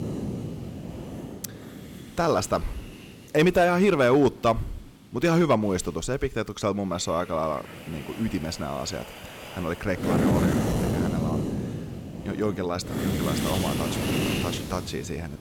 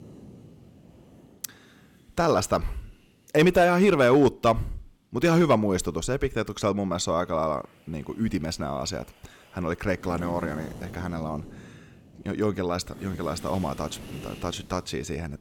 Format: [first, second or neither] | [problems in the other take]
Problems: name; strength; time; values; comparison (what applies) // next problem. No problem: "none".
second | wind noise on the microphone; heavy; 7 dB below the speech; occasional gusts in the second